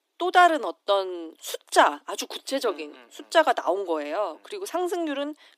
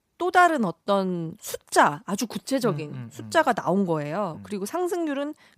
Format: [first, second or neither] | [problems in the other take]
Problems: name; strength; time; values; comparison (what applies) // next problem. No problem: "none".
second | thin; somewhat; fading below 300 Hz